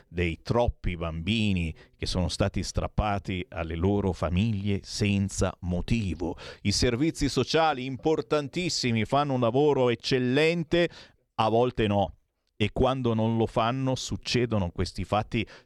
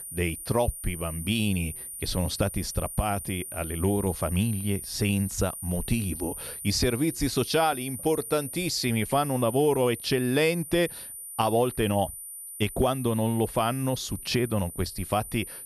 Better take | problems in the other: first | high-pitched whine; loud; throughout; 9.5 kHz, 9 dB below the speech

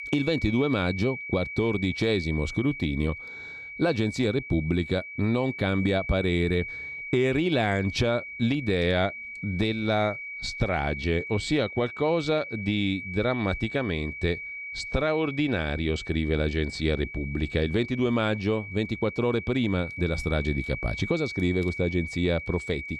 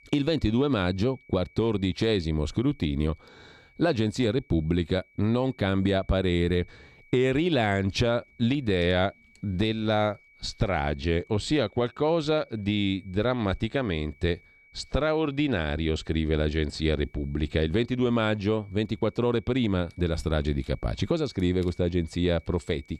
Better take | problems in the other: second | high-pitched whine; loud; throughout; 2.5 kHz, 9 dB below the speech; faint in the second

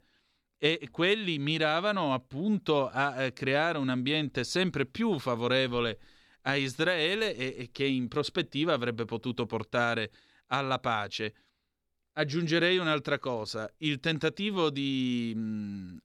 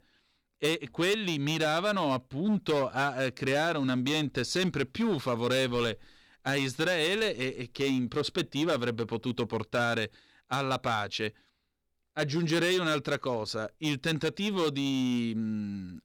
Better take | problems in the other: first | distortion; slight; 7% of the sound clipped

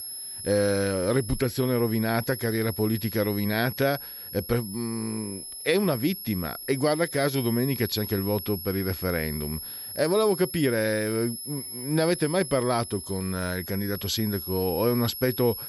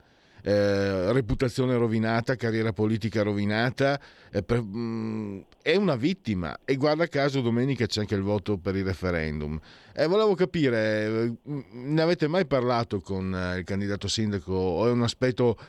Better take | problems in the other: second | high-pitched whine; loud; throughout; 11.5 kHz, 8 dB below the speech

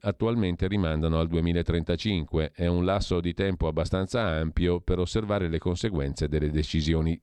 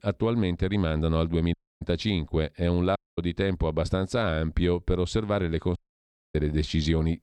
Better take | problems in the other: first | audio cutting out; at 1.5 s, at 3 s and at 6 s for 0.5 s

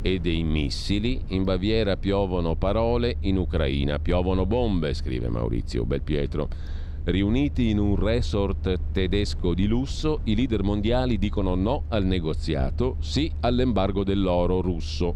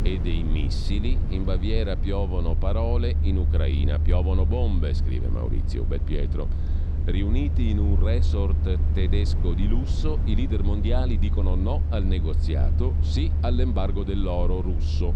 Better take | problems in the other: first | low rumble; loud; throughout; 8 dB below the speech; faint in the first

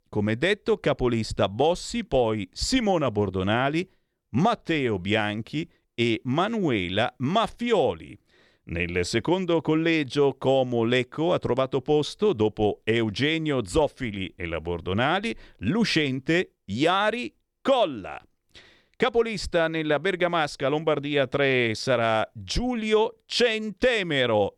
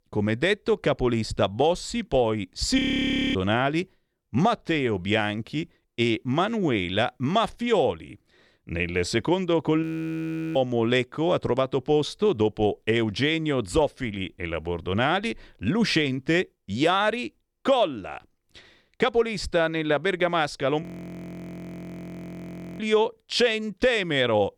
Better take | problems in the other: first | audio freezing; at 3 s for 0.5 s, at 10 s for 0.5 s and at 21 s for 2 s

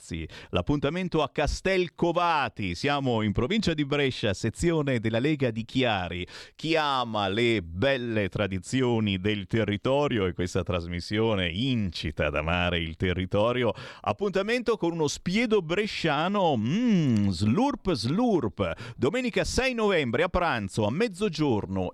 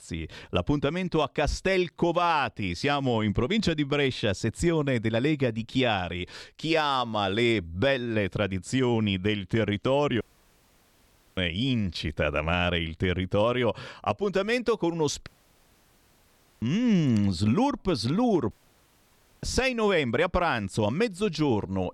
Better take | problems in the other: first | audio cutting out; at 10 s for 1 s, at 15 s for 1.5 s and at 19 s for 1 s

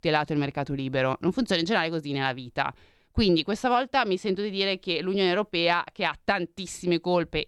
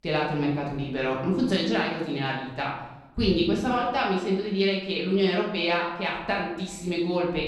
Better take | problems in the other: first | off-mic speech; far // room echo; noticeable; dies away in 0.9 s

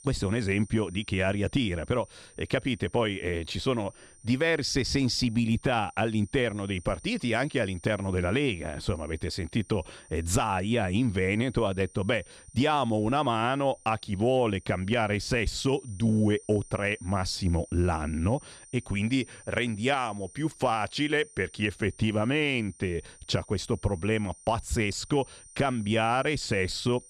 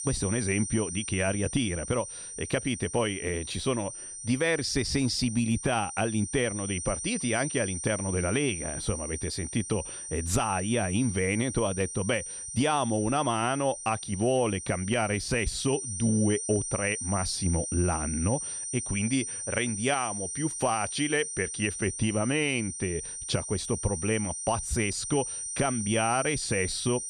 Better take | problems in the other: first | high-pitched whine; loud; throughout; 9 kHz, 5 dB below the speech; faint in the first

